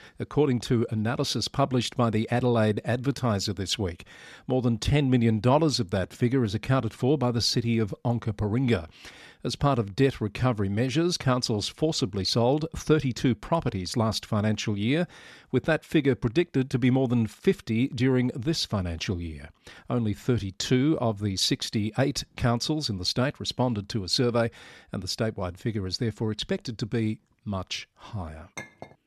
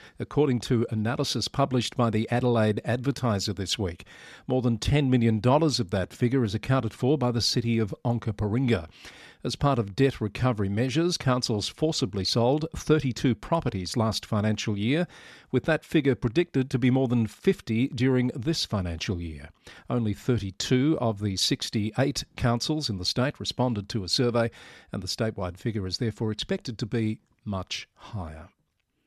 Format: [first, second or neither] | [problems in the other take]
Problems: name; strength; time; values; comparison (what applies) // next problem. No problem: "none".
second | clattering dishes; faint; at 28 s; peak 15 dB below the speech